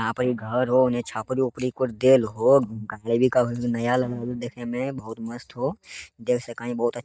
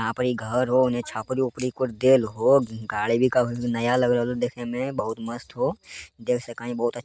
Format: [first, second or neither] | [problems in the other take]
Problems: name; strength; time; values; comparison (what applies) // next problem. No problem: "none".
second | noise reduction (neural mask model DeepFilterNet 3)